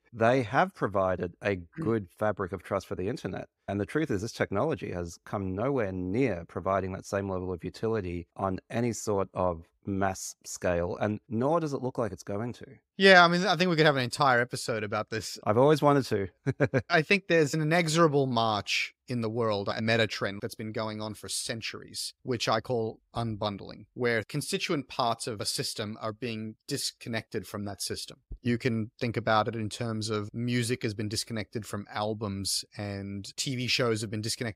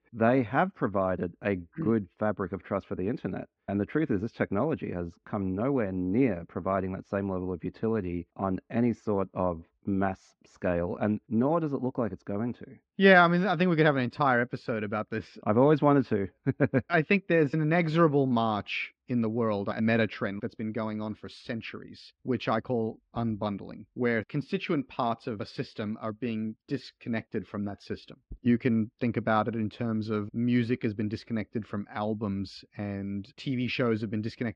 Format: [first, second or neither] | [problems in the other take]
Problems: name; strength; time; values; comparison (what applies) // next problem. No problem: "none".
first | muffled; slightly; fading above 3 kHz